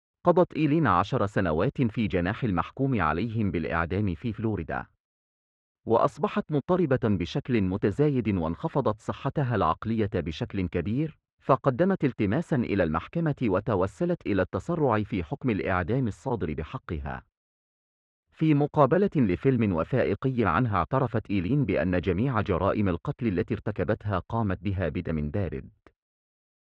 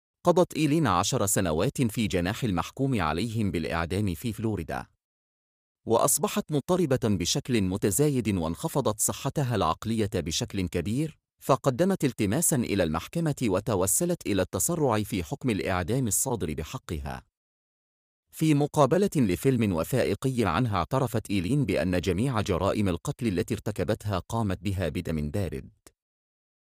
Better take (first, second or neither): second